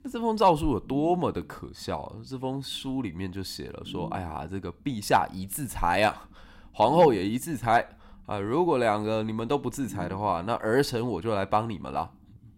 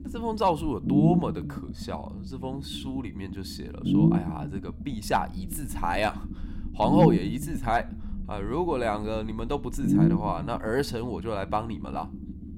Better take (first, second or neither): first